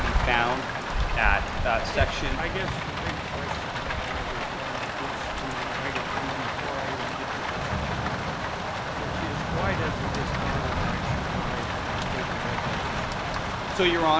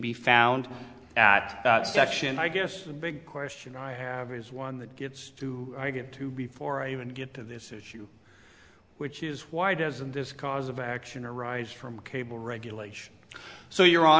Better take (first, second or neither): second